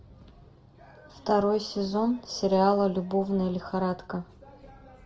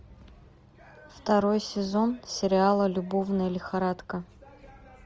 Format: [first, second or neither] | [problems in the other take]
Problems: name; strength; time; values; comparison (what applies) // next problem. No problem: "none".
second | room echo; dies away in 0.4 s